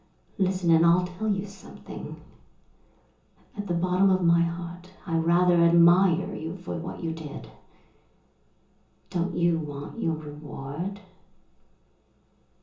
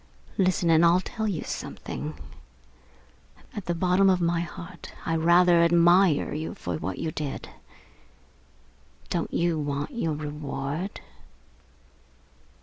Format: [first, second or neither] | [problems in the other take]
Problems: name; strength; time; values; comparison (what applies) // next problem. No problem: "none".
second | room echo; dies away in 0.6 s